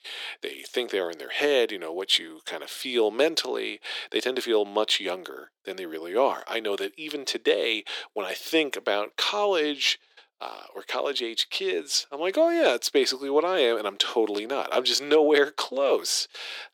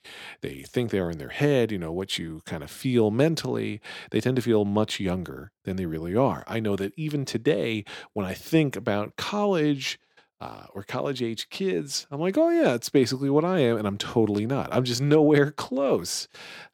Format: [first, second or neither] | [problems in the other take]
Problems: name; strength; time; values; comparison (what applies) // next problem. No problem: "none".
second | thin; somewhat; fading below 350 Hz